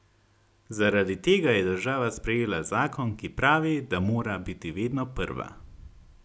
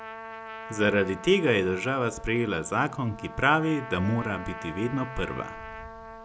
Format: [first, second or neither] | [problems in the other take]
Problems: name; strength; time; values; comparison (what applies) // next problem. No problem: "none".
first | background sound (Trumpet); 13 dB below the speech